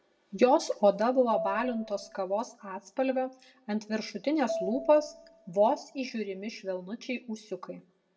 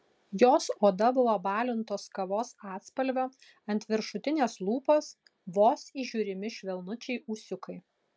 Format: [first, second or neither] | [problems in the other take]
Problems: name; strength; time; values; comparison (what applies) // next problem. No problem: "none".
second | background sound (Marimba, xylophone); 12 dB below the speech // room echo; dies away in 0.3 s